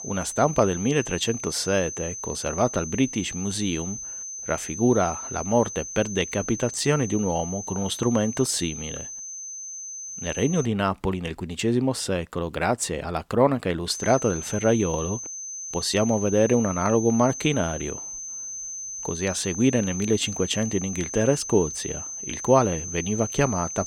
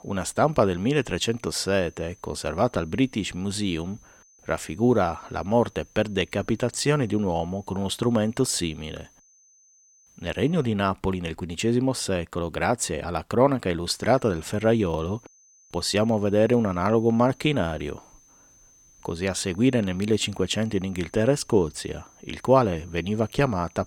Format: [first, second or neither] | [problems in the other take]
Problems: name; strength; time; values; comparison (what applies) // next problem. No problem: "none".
second | high-pitched whine; loud; until 11 s and from 14 s on; 6 kHz, 8 dB below the speech; faint in the second